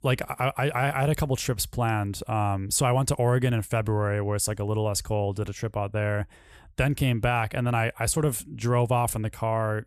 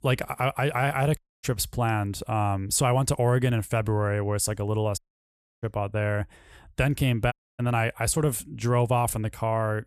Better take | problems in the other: first | audio cutting out; at 1 s, at 5 s for 0.5 s and at 7.5 s

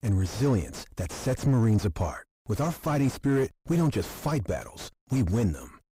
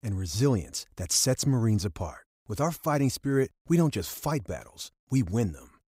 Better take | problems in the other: second | distortion; heavy; 5 dB below the speech

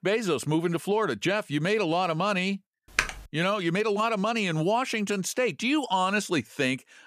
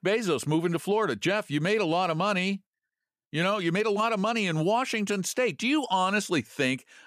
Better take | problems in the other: second | keyboard typing; noticeable; at 3 s; peak 2 dB below the speech

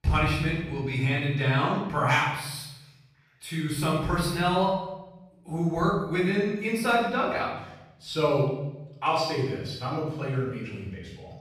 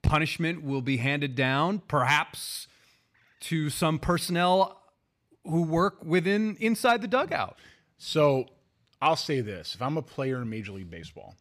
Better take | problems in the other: second | off-mic speech; far // room echo; noticeable; dies away in 0.9 s

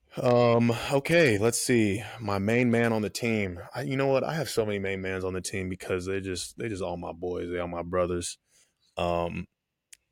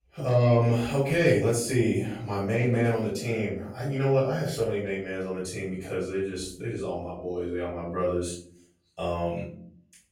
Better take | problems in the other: first | off-mic speech; far // room echo; noticeable; dies away in 0.5 s

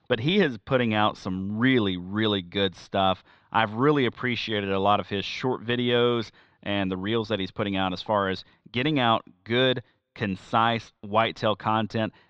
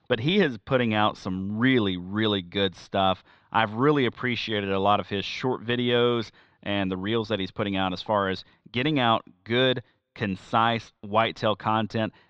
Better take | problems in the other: neither | muffled; very; fading above 4 kHz; the same in both

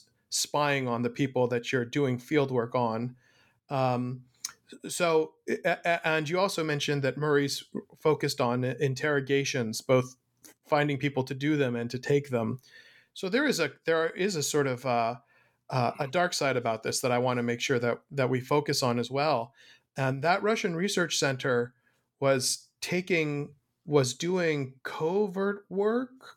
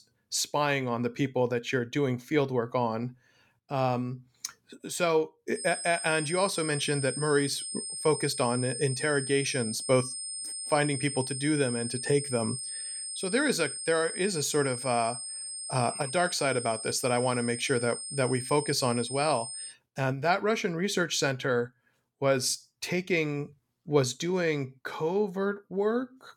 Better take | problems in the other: first | high-pitched whine; loud; from 5.5 to 20 s; 8.5 kHz, 6 dB below the speech

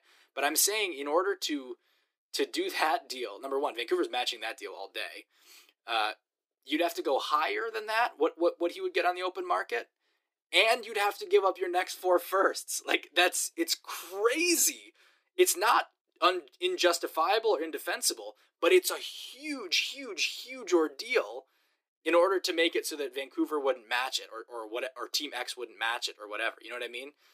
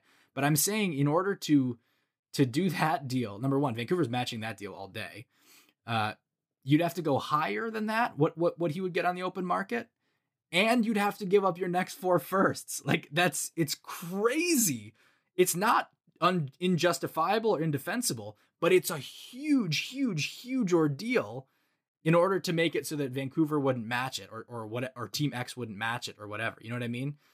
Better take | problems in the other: second | thin; very; fading below 350 Hz

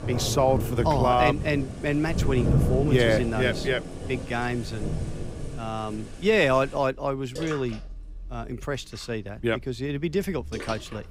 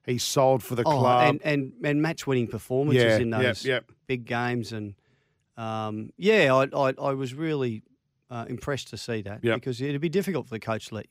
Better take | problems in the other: second | rain or running water; loud; throughout; 6 dB below the speech

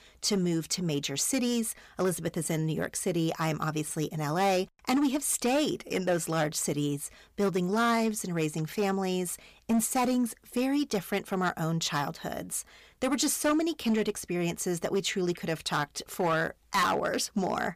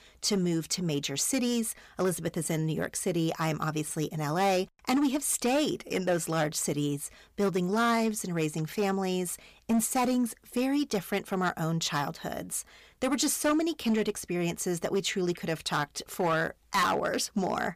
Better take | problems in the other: neither | distortion; slight; 6% of the sound clipped; the same in both

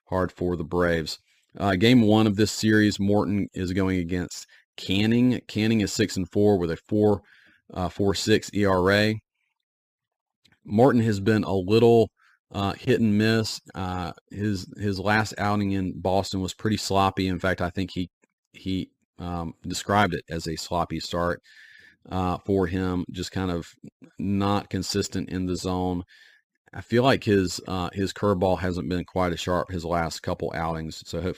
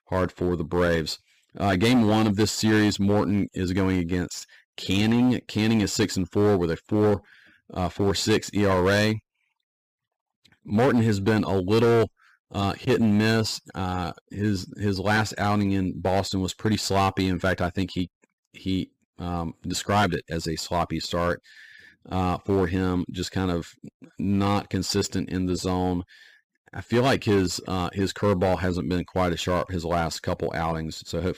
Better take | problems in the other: first | distortion; slight; 6% of the sound clipped

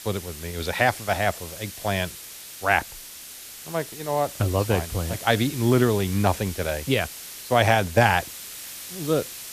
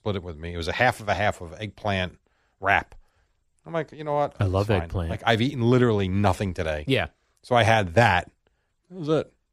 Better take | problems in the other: second | hiss; noticeable; throughout; 10 dB below the speech

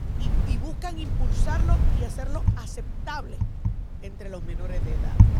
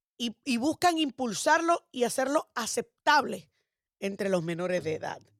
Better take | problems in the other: second | wind noise on the microphone; heavy; 3 dB below the speech

